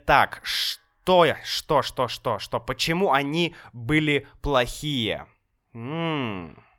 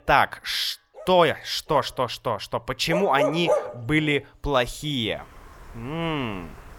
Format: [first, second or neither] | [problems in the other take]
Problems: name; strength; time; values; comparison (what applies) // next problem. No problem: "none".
first | animal sounds; loud; throughout; 3 dB below the speech